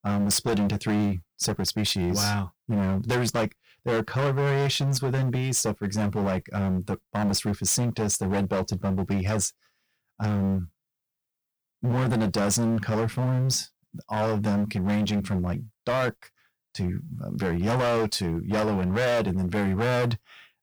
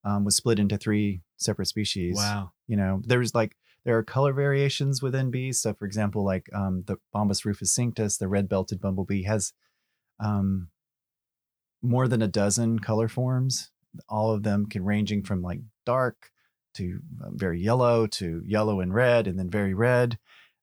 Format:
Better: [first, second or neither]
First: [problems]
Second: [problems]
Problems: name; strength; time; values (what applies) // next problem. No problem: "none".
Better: second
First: distortion; heavy; 20% of the sound clipped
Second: none